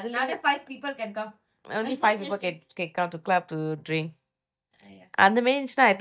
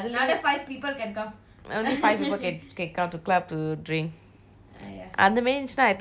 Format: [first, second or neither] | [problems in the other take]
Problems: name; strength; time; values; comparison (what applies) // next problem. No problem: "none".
second | noise reduction (neural mask model DeepFilterNet 3)